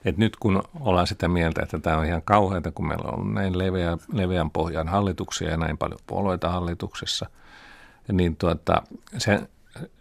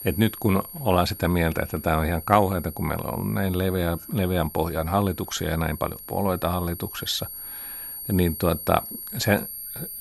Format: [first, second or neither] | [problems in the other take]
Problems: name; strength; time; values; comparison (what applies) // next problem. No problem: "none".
first | high-pitched whine; noticeable; throughout; 11.5 kHz, 10 dB below the speech